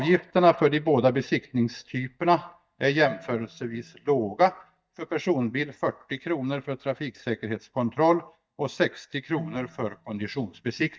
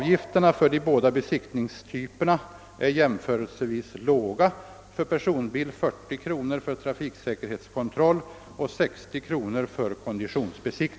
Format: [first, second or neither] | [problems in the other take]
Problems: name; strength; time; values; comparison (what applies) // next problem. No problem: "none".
second | noise reduction (neural mask model DeepFilterNet 3)